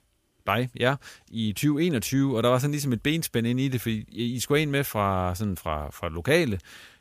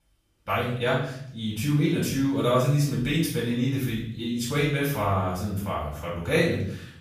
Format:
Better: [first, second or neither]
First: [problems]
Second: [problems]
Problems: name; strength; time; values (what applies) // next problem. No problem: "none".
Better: first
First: none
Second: room echo; noticeable; dies away in 0.6 s // off-mic speech; far